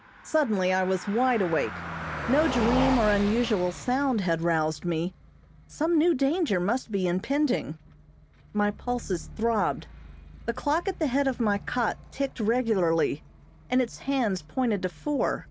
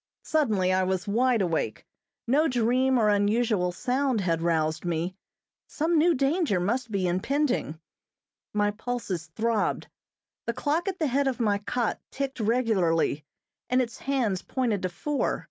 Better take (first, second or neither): second